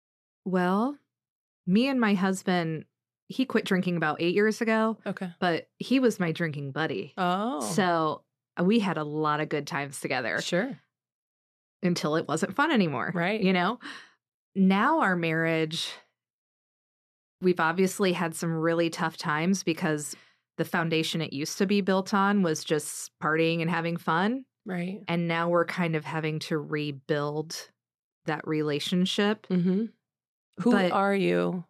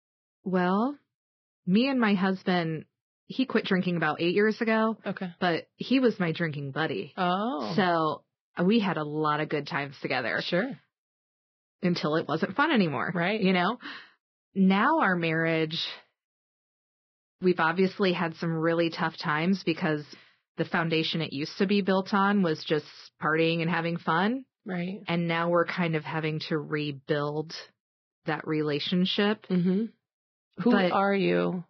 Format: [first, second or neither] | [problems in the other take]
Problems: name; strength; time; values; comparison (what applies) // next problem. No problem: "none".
first | garbled, watery; badly; nothing above 5.5 kHz